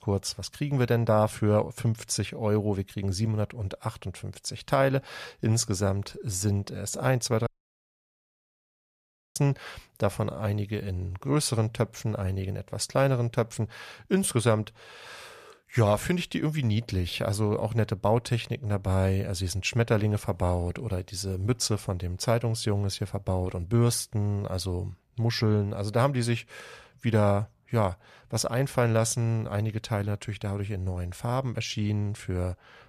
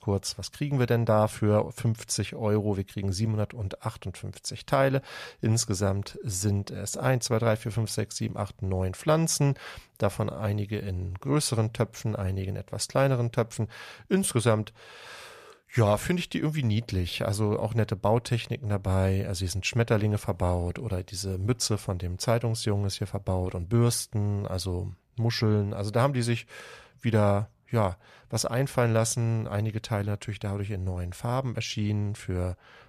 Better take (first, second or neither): second